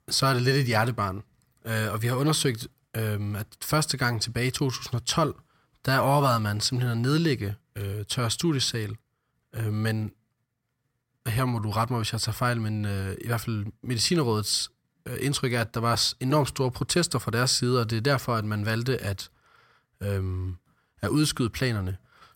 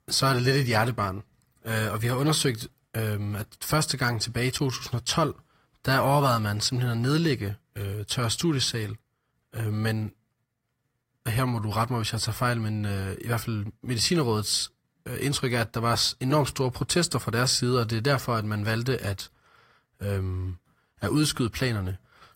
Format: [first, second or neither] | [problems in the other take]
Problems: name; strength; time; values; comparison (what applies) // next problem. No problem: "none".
first | garbled, watery; slightly; nothing above 16.5 kHz